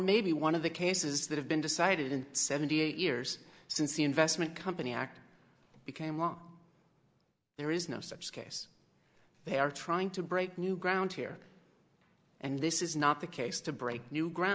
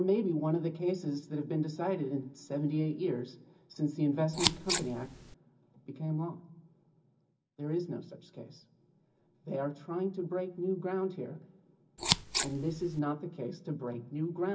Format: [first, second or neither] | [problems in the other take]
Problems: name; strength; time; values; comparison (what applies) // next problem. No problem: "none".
first | background sound (Scissors); 1 dB above the speech // room echo; dies away in 0.4 s